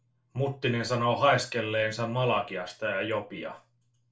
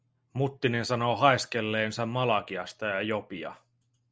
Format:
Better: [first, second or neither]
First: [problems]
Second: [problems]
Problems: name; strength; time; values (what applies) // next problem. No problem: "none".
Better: second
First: room echo; dies away in 0.3 s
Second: none